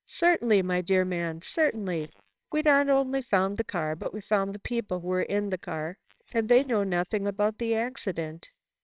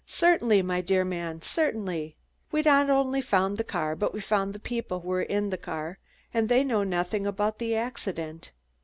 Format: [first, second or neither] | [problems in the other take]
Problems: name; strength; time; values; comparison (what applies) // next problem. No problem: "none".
second | noise reduction (neural separator model SepFormer WHAMR!)